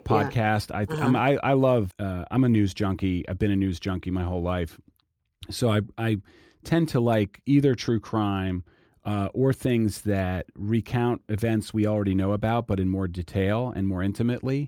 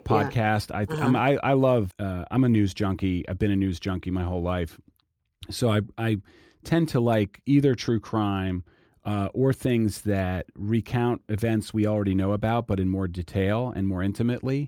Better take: neither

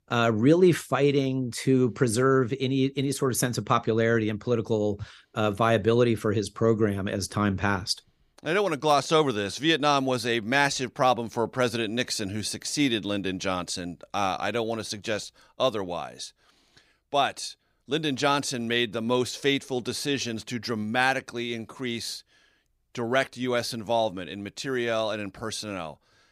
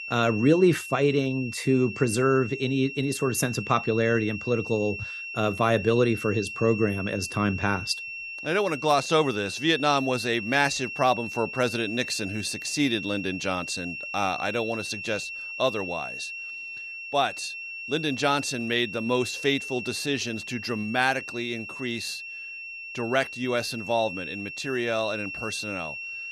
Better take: first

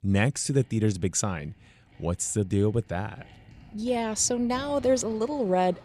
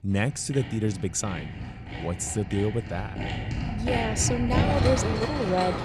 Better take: first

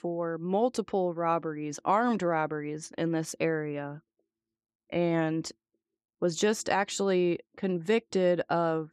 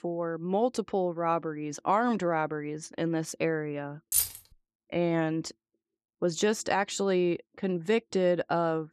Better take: first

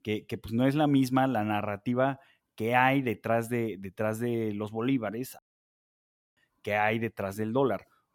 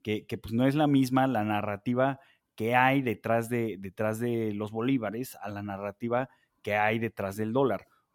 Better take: second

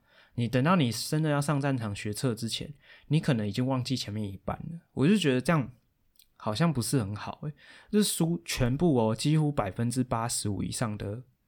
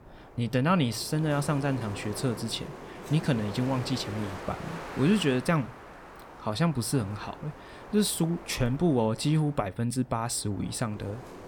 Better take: first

